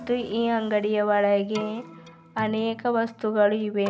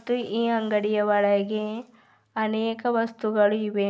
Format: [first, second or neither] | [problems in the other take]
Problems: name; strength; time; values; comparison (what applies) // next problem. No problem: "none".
second | background sound (Keyboard (musical)); 19 dB below the speech